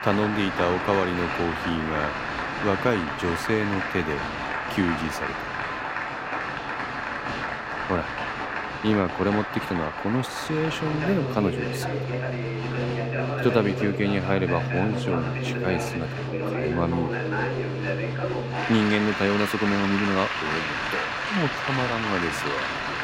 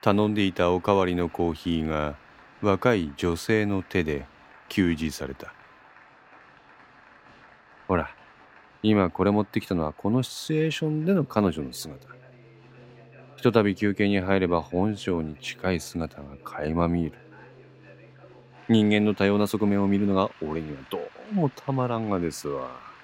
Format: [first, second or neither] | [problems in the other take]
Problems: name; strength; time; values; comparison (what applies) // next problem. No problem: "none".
second | crowd noise; loud; throughout; 1 dB below the speech; faint in the second